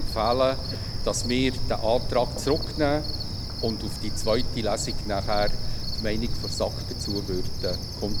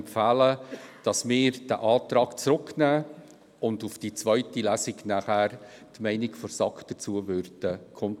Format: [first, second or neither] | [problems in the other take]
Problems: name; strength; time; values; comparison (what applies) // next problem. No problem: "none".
second | background sound (Cricket); as loud as the speech